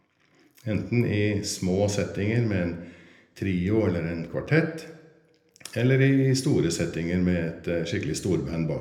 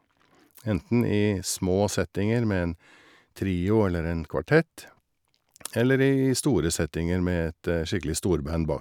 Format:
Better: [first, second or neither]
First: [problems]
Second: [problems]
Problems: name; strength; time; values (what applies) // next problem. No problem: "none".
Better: second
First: room echo; dies away in 0.7 s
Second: none